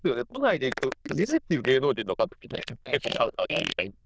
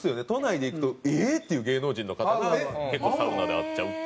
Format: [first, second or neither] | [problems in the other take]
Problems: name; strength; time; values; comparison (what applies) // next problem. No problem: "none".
second | noise reduction (neural diffusion model UNIVERSE++)